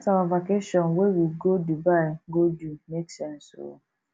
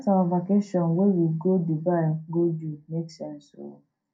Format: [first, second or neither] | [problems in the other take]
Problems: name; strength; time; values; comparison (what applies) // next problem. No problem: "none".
first | room echo; dies away in 0.2 s